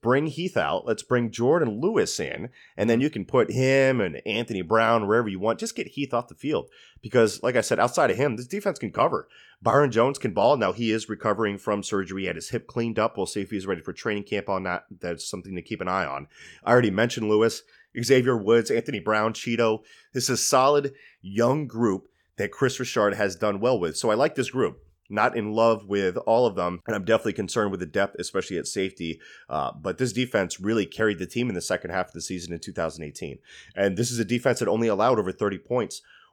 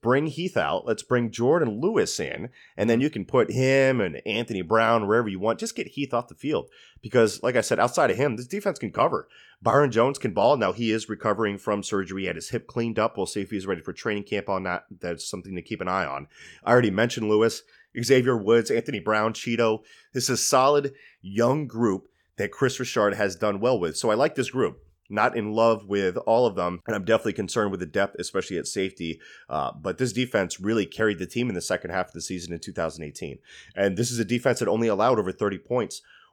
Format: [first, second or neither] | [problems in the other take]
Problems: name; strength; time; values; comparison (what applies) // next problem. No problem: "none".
neither | none